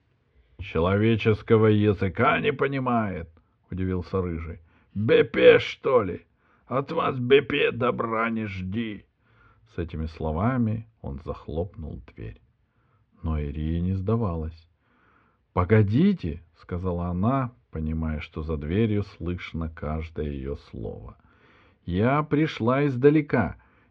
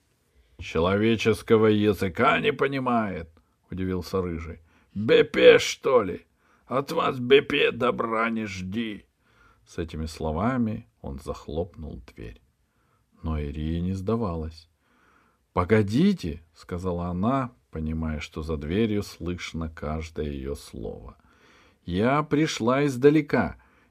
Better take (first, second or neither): second